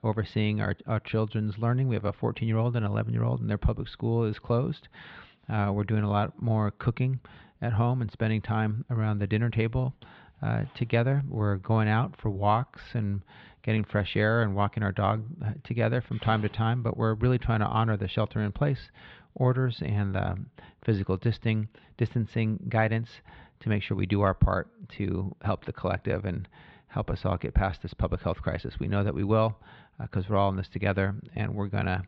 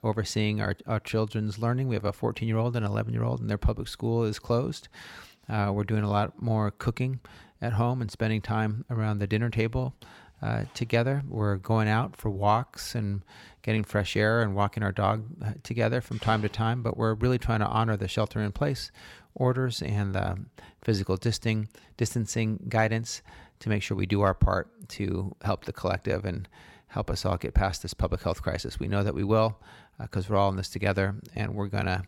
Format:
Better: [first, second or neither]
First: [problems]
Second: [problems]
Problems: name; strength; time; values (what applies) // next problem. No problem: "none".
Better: second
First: muffled; slightly; fading above 3.5 kHz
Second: none